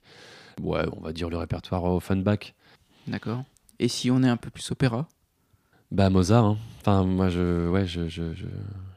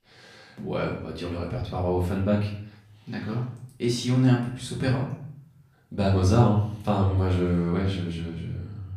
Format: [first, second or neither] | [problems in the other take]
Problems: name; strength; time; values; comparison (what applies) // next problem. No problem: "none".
first | off-mic speech; far // room echo; noticeable; dies away in 0.5 s